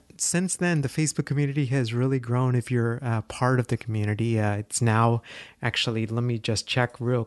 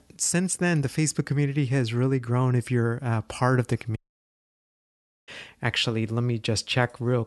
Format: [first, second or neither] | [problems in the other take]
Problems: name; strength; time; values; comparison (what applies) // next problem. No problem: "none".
first | audio cutting out; at 4 s for 1.5 s